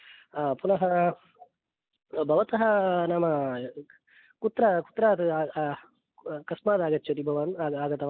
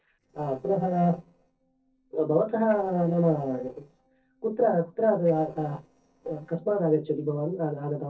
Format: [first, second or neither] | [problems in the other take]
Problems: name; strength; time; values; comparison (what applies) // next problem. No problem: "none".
first | noise reduction (neural separator model SepFormer DNS4)